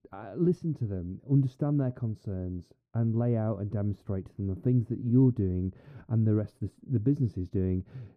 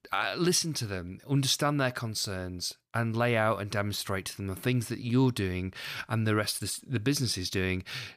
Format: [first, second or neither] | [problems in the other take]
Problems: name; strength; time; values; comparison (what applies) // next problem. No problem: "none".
second | muffled; very; fading above 1 kHz